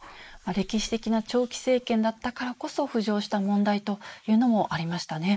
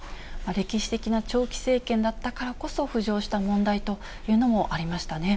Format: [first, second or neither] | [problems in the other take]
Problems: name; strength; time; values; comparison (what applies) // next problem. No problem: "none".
second | noise reduction (neural mask model Resemble Enhance denoiser)